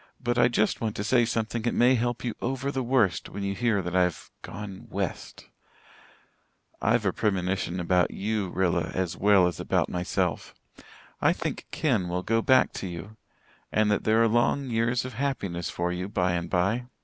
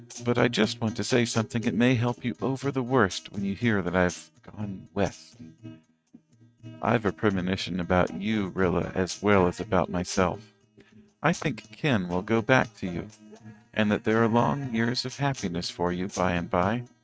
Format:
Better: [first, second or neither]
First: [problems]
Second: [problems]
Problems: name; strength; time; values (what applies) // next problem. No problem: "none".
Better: first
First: none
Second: noise reduction (neural mask model RNNoise)